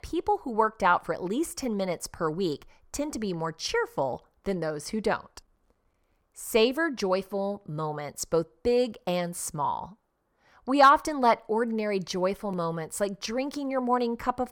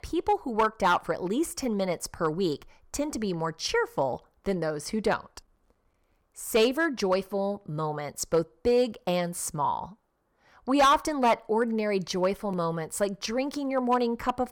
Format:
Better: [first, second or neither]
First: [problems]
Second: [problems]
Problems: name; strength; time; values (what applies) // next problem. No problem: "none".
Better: first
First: none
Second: distortion; slight; 1.5% of the sound clipped